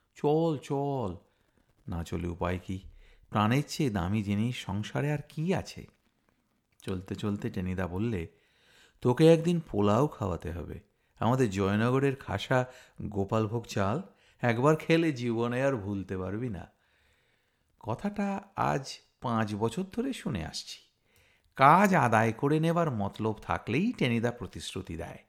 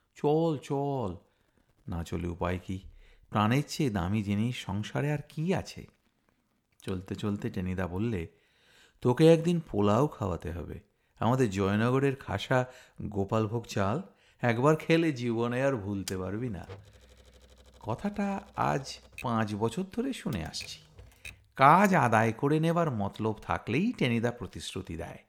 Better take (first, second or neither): first